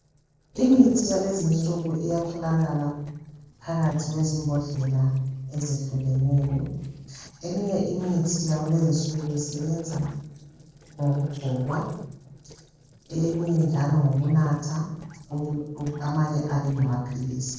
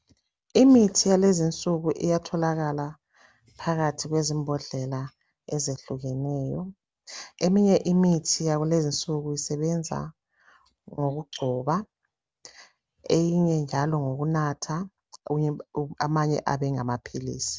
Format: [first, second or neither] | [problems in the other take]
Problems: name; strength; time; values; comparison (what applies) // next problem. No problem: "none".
second | noise reduction (neural separator model SepFormer DNS4)